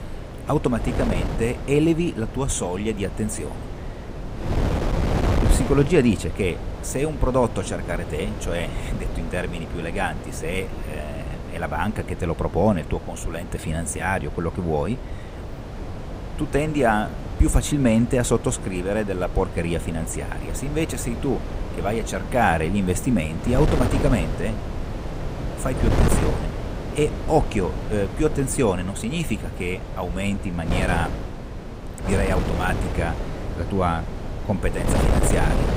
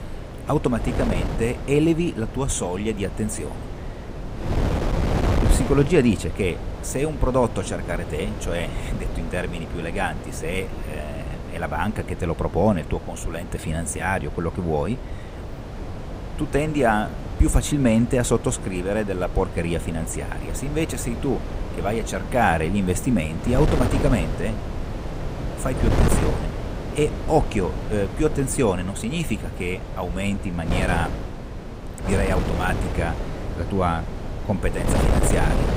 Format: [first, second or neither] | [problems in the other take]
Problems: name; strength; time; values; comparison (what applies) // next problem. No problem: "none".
neither | wind noise on the microphone; heavy; 8 dB below the speech; the same in both